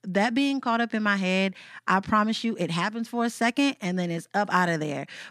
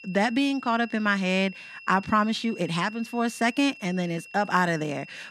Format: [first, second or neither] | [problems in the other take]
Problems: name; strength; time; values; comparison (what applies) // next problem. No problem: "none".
first | high-pitched whine; noticeable; throughout; 2.5 kHz, 20 dB below the speech